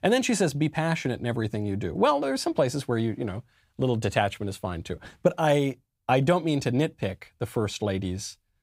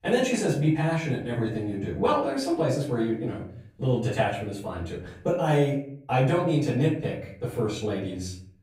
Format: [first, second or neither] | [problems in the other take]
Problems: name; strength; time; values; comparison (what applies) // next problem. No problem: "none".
first | off-mic speech; far // room echo; noticeable; dies away in 0.5 s